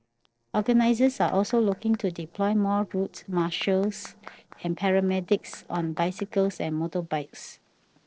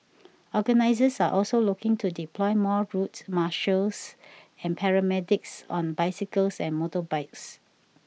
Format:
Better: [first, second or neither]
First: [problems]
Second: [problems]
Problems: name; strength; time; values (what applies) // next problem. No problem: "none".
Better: second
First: noise reduction (neural separator model SepFormer DNS4)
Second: none